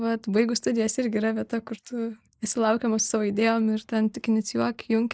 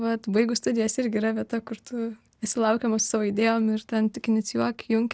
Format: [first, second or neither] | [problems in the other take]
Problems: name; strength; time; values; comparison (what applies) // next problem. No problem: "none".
second | noise reduction (neural mask model Resemble Enhance denoiser)